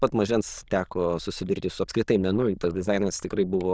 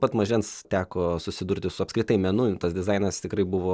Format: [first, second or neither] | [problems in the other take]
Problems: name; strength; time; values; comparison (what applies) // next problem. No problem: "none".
second | noise reduction (neural diffusion model UNIVERSE++)